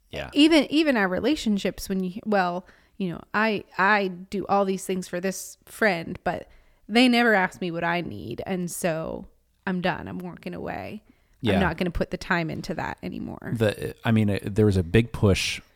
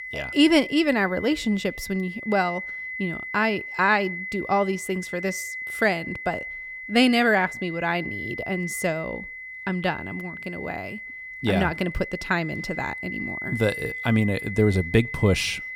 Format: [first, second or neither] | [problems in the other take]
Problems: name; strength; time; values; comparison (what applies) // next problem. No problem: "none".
first | high-pitched whine; loud; throughout; 2 kHz, 8 dB below the speech